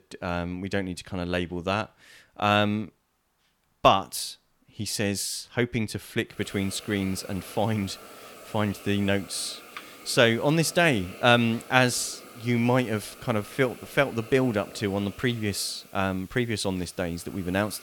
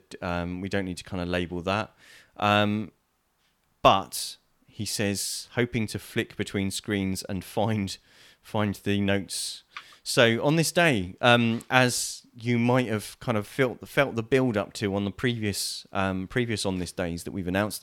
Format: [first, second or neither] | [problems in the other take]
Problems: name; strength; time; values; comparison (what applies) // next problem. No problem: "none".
second | hiss; noticeable; from 6.5 s on; 20 dB below the speech